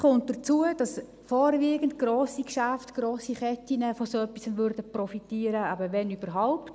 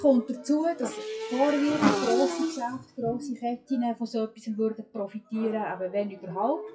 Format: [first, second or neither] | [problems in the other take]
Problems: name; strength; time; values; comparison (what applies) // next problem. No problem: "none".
first | noise reduction (classical method WPE with log-MMSE)